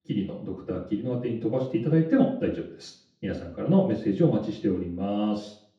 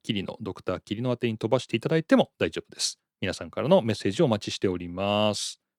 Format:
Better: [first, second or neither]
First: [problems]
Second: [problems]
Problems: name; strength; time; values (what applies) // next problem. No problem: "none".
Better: second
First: room echo; noticeable; dies away in 0.6 s // off-mic speech; far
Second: none